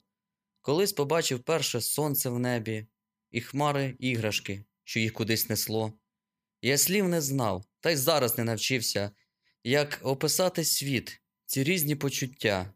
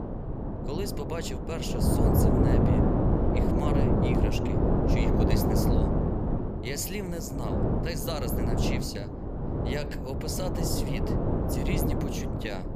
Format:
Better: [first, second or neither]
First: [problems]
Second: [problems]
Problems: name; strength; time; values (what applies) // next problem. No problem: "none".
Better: first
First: none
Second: wind noise on the microphone; heavy; 5 dB above the speech